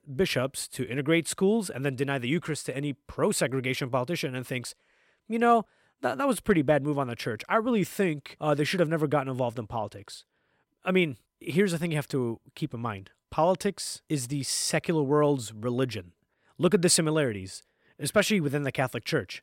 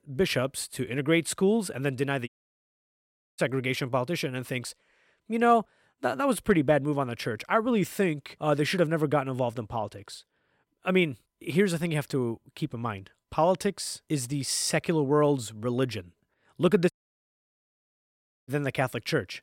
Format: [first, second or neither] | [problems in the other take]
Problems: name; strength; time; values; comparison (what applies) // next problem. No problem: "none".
first | audio cutting out; at 2.5 s for 1 s and at 17 s for 1.5 s